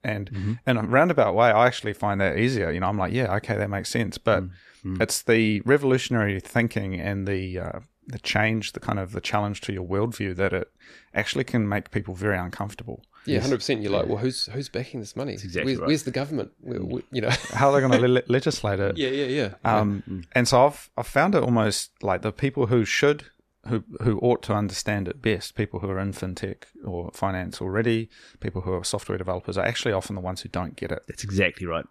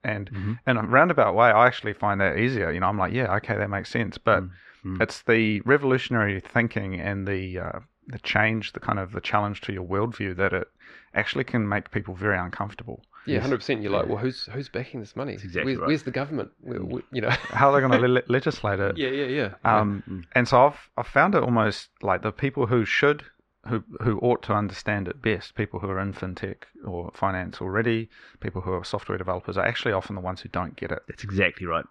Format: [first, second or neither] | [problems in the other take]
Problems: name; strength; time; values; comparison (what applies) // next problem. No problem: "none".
first | muffled; slightly; fading above 3 kHz